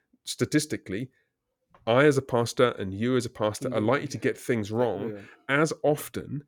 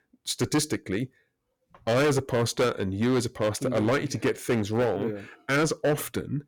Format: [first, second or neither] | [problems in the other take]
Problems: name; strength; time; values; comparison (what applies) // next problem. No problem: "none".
first | distortion; heavy; 9% of the sound clipped